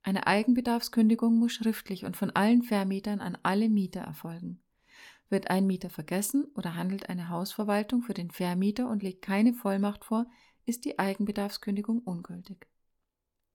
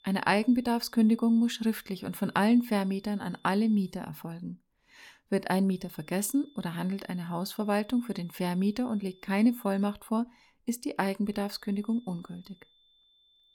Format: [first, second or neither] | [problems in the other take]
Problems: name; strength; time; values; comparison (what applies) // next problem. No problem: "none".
first | high-pitched whine; faint; until 4 s, from 5.5 to 10 s and from 11 s on; 3.5 kHz, 35 dB below the speech